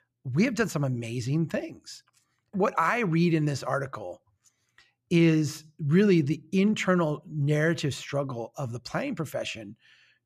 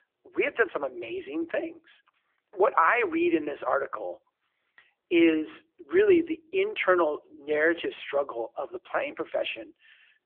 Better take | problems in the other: first | phone-call audio; nothing above 3.5 kHz

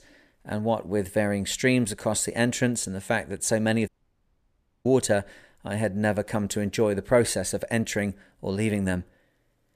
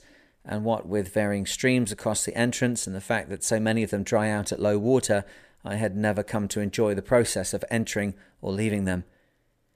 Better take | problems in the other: second | audio cutting out; at 4 s for 1 s

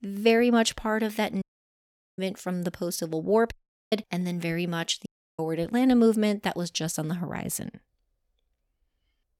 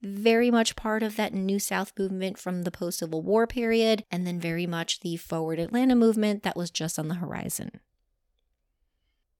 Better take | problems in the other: second | audio cutting out; at 1.5 s for 1 s, at 3.5 s and at 5 s

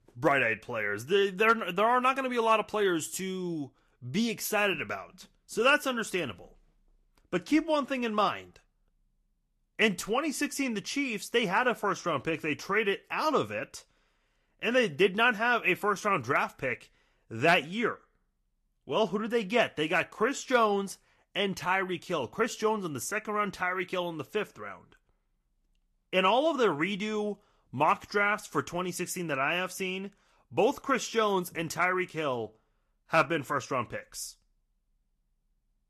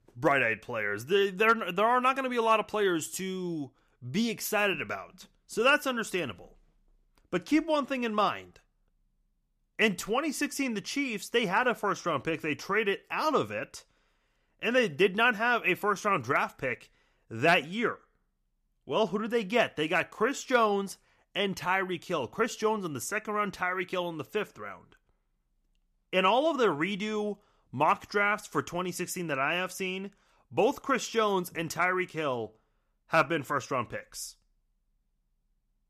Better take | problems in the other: second | garbled, watery; slightly; nothing above 12.5 kHz

